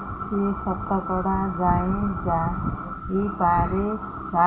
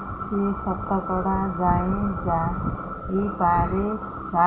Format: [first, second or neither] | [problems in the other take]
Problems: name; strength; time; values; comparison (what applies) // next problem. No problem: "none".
first | background sound (Frog); 20 dB below the speech